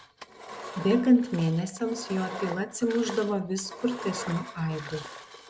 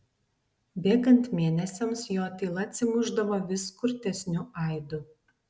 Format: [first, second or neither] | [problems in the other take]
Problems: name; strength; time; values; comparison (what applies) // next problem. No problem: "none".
second | background sound (Engine); 13 dB below the speech